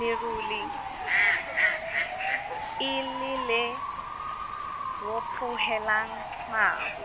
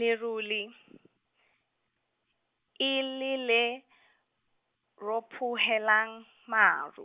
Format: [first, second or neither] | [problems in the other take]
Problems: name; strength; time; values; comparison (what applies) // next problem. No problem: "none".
second | background sound (Bird / Fowl); 2 dB above the speech